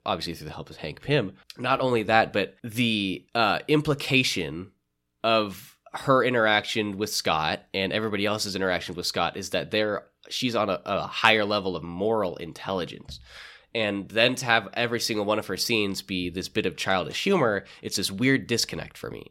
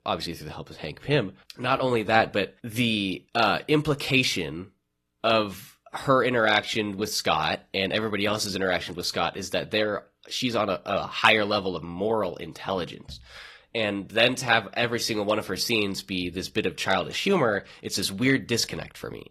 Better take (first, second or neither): first